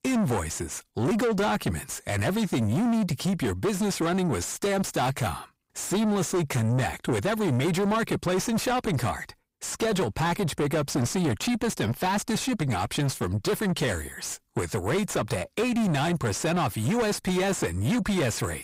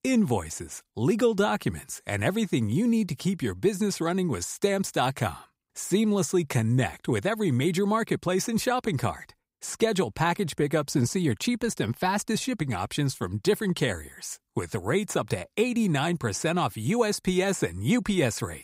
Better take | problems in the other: second | distortion; heavy; 7 dB below the speech

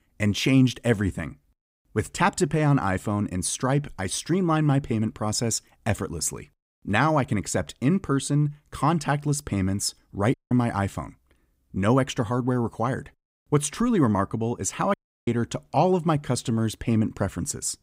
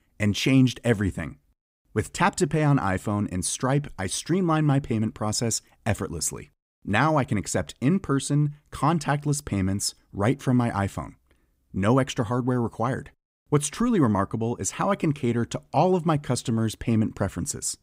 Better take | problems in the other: second | audio cutting out; at 10 s and at 15 s

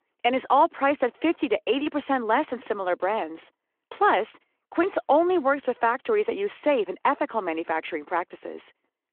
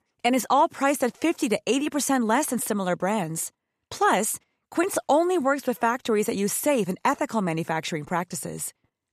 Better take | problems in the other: second | phone-call audio

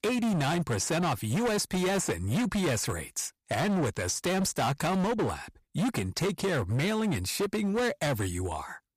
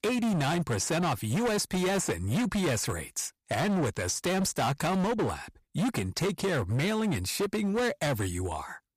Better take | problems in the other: neither | distortion; heavy; 25% of the sound clipped; the same in both

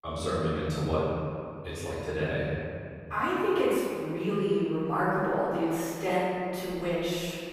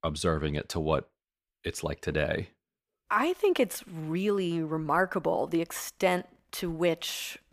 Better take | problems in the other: second | room echo; strong; dies away in 2.5 s // off-mic speech; far

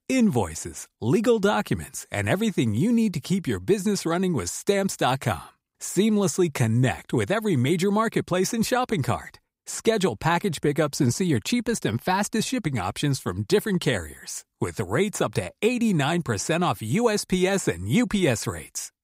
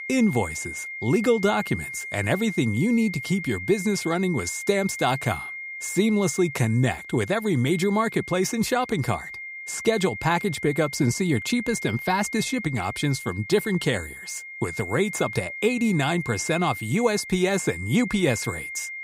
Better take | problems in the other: first | high-pitched whine; loud; throughout; 2 kHz, 9 dB below the speech

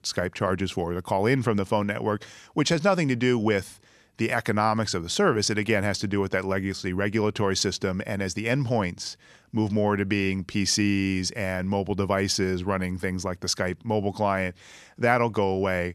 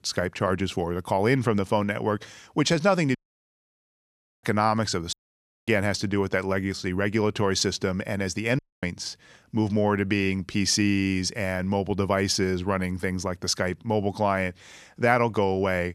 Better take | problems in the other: first | audio cutting out; at 3 s for 1.5 s, at 5 s for 0.5 s and at 8.5 s

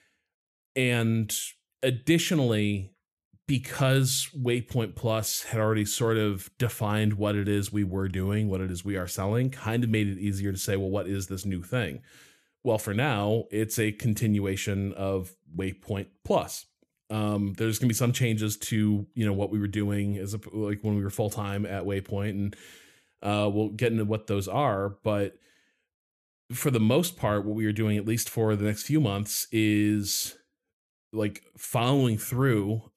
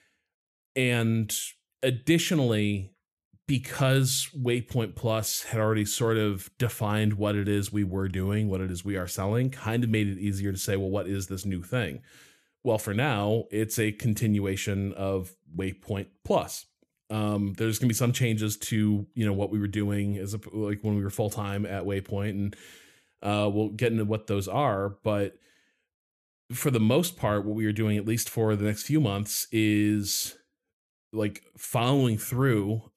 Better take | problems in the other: neither | none

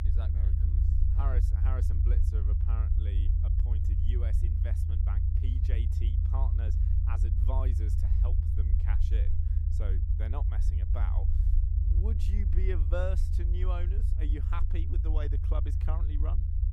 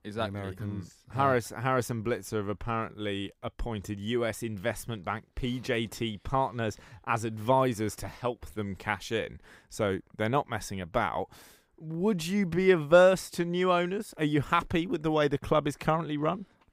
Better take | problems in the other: second | low rumble; loud; throughout; 2 dB below the speech

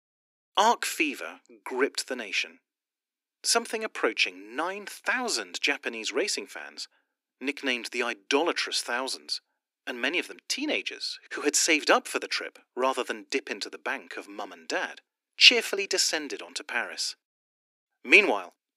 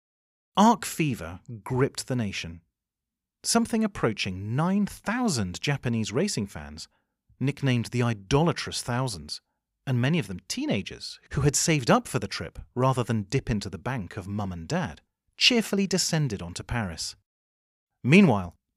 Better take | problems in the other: second | thin; somewhat; fading below 300 Hz

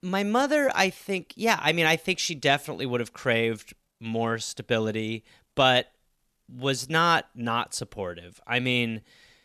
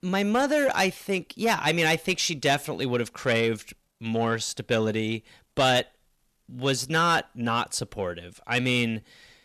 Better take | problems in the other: first | distortion; slight; 10 dB below the speech

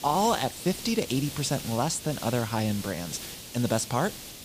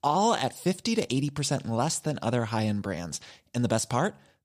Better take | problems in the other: second | hiss; loud; throughout; 9 dB below the speech

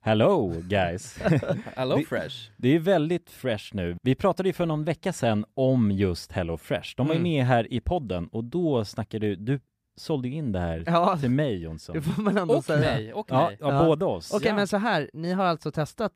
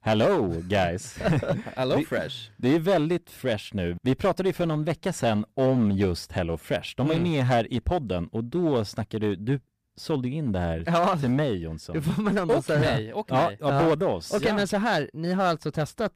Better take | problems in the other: first | distortion; slight; 7% of the sound clipped

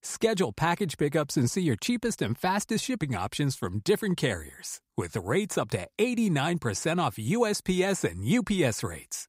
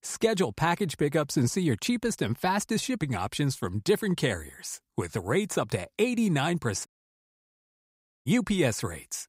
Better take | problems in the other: first | audio cutting out; at 7 s for 1.5 s

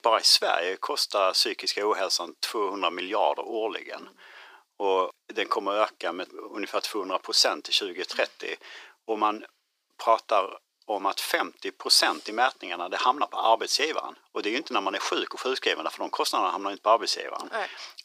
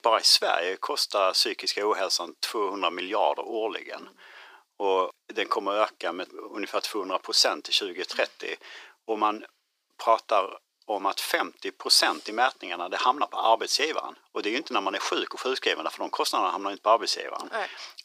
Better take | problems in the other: neither | thin; very; fading below 350 Hz; the same in both

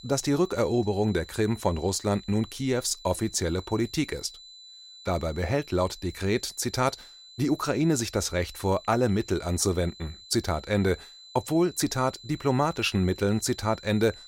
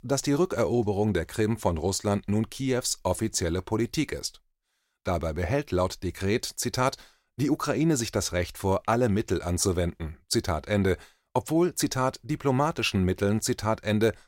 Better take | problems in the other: second | high-pitched whine; noticeable; throughout; 4 kHz, 20 dB below the speech

